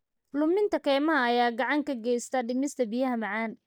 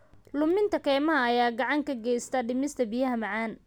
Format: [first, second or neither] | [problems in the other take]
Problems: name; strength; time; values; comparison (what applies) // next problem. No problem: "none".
second | noise reduction (neural mask model DeepFilterNet 3)